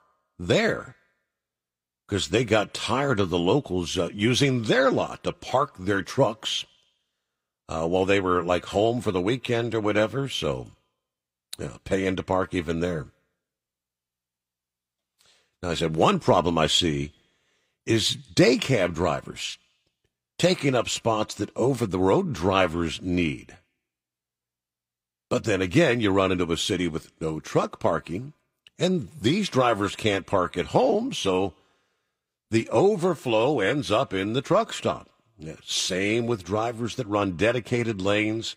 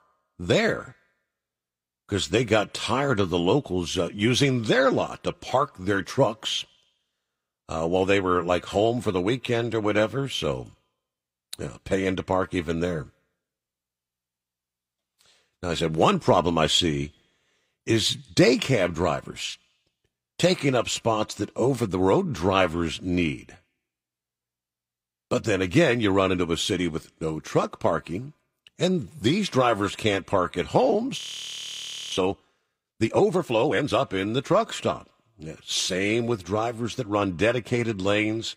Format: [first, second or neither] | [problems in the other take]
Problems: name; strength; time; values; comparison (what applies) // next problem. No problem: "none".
first | audio freezing; at 31 s for 1 s